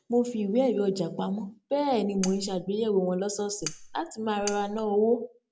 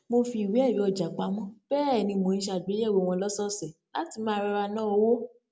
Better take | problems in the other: second | background sound (Cutlery, silverware); 12 dB below the speech

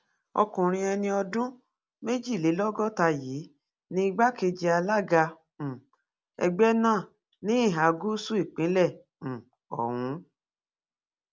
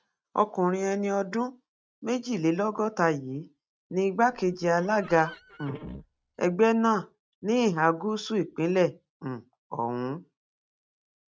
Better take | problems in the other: first | noise reduction (neural mask model RNNoise)

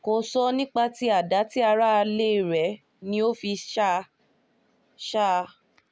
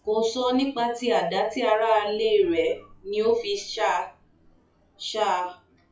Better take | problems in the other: first | noise reduction (classical method WPE with log-MMSE)

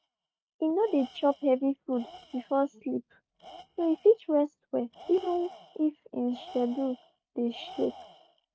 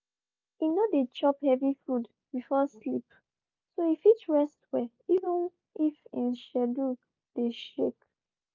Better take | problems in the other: second | noise reduction (neural mask model RNNoise)

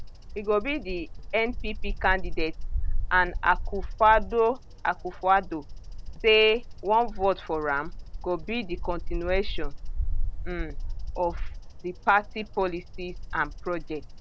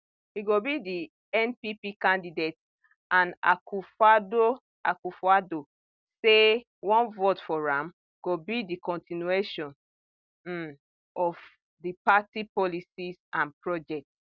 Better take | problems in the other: second | background sound (Bird vocalization, bird call, bird song); 3 dB below the speech

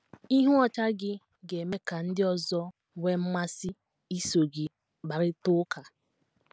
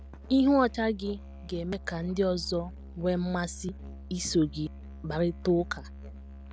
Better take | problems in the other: first | background sound (Musical instrument); 14 dB below the speech

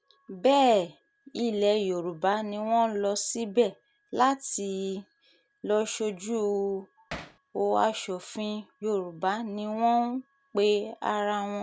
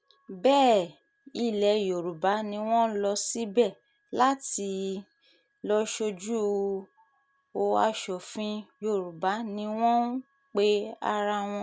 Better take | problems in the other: second | background sound (Hammer); 12 dB below the speech

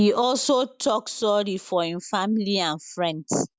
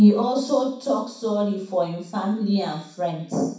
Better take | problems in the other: first | room echo; dies away in 0.6 s

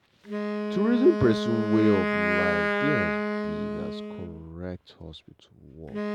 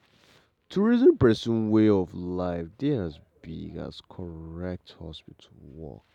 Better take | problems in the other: second | background sound (Wind instrument, woodwind instrument); 1 dB below the speech

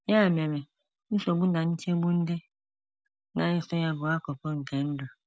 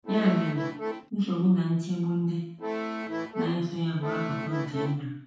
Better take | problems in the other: first | background sound (Accordion); 4 dB below the speech // room echo; dies away in 0.6 s

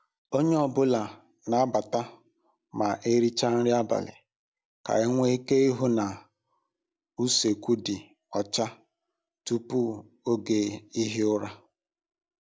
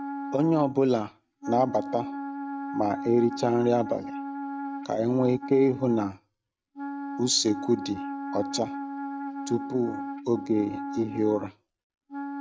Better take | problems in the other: first | noise reduction (neural mask model RNNoise)

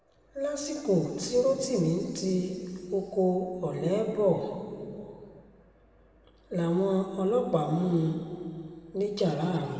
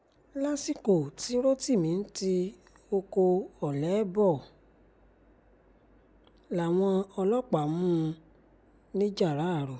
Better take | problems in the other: second | room echo; dies away in 2.4 s

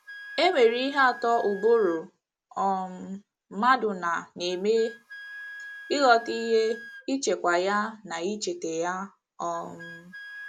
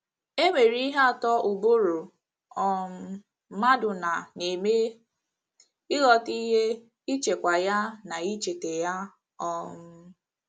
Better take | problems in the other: second | background sound (Wind instrument, woodwind instrument); 18 dB below the speech

